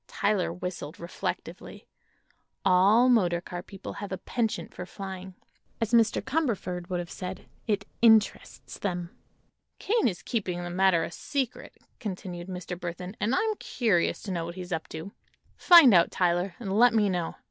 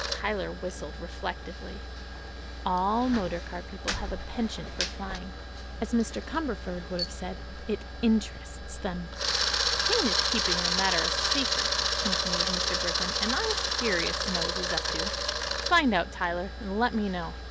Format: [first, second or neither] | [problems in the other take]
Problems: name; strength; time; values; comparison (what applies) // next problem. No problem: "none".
first | background sound (Camera); as loud as the speech